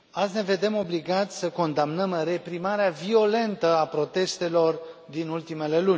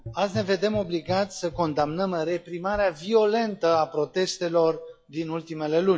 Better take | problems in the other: first | noise reduction (classical method log-MMSE)

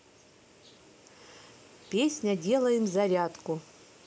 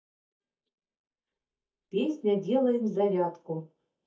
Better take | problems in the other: first | noise reduction (neural mask model DeepFilterNet 3)

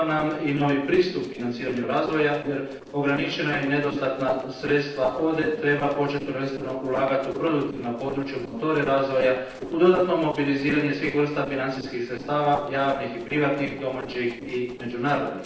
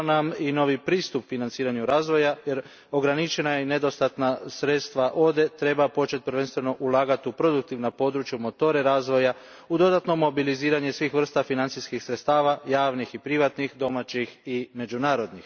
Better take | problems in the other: second | noise reduction (neural separator model SepFormer DNS4)

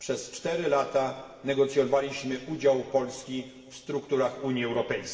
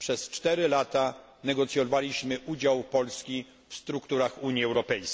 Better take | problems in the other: second | room echo; dies away in 1.8 s

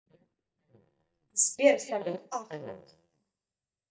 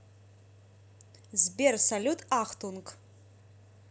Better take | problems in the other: second | noise reduction (neural mask model DeepFilterNet 3)

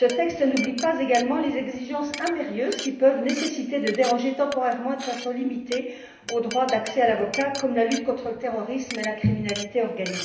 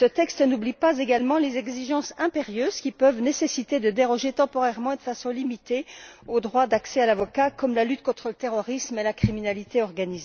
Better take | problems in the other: second | background sound (Glass); 14 dB below the speech // room echo; dies away in 0.8 s

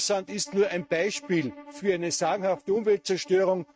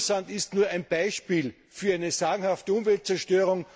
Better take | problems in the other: second | noise reduction (neural mask model RNNoise)

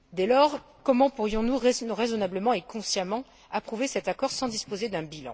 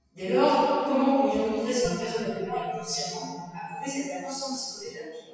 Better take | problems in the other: first | noise reduction (classical method WPE with log-MMSE)

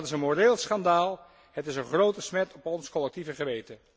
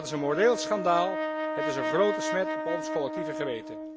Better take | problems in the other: first | background sound (Brass instrument); 3 dB below the speech

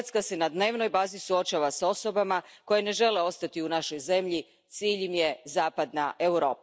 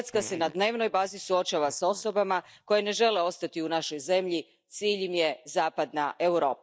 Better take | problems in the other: first | noise reduction (neural mask model DeepFilterNet 3)

